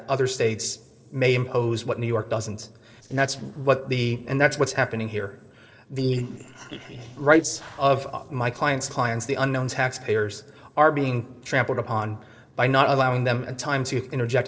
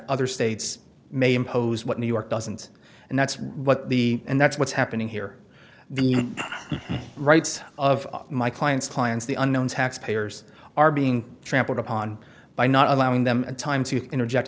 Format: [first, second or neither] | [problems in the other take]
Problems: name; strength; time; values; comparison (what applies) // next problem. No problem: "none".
second | noise reduction (neural separator model SepFormer DNS4)